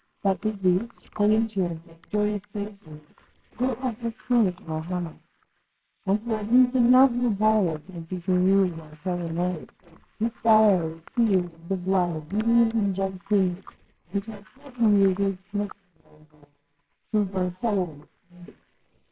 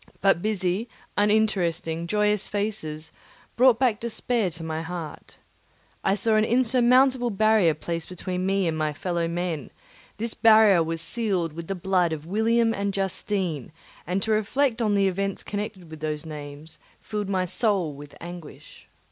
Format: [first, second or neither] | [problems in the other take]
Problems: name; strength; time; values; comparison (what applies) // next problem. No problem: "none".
second | noise reduction (neural separator model SepFormer WHAMR!)